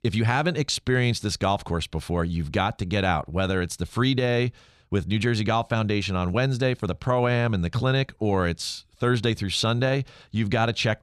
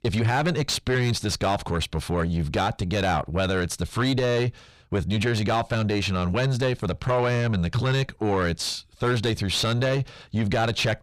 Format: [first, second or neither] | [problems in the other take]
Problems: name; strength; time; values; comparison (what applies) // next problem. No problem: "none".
first | distortion; heavy; 6 dB below the speech